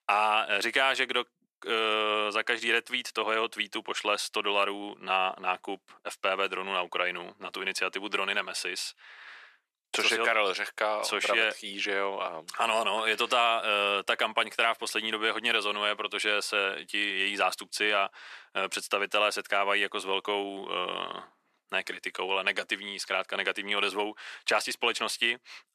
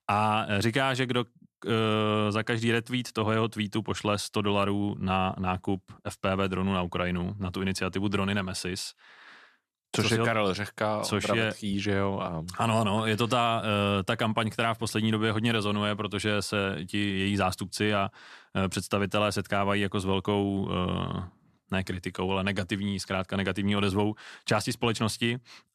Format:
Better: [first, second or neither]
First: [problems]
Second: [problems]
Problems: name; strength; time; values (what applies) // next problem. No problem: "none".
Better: second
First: thin; very; fading below 400 Hz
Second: none